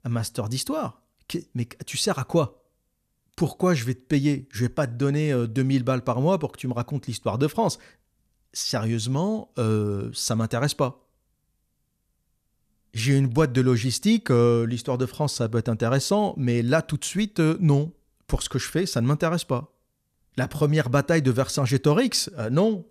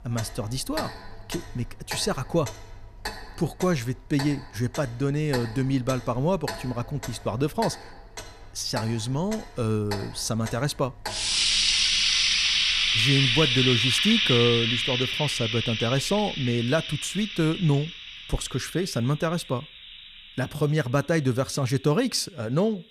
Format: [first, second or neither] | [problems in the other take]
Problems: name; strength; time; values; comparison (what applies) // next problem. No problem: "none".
first | household noises; very loud; throughout; 2 dB above the speech